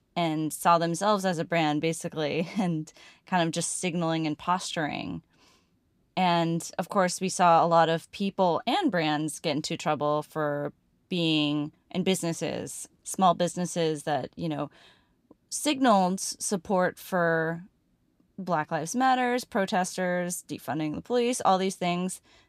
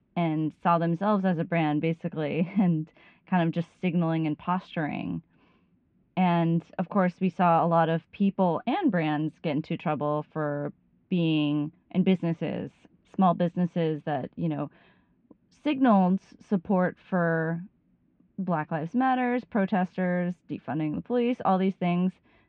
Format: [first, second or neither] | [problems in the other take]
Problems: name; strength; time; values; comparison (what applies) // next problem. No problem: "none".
first | muffled; very; fading above 2.5 kHz